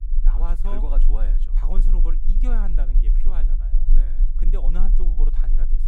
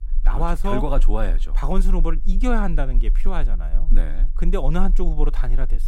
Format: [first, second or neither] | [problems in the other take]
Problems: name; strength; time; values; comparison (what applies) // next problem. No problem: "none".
second | low rumble; loud; throughout; 9 dB below the speech; faint in the second